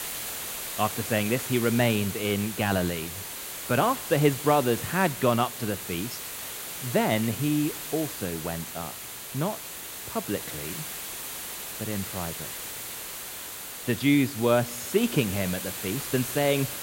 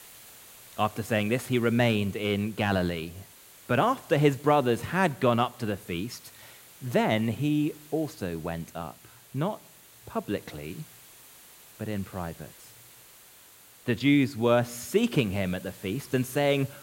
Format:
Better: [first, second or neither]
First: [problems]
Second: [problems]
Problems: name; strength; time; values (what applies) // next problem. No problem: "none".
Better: second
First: hiss; loud; throughout; 7 dB below the speech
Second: hiss; faint; throughout; 20 dB below the speech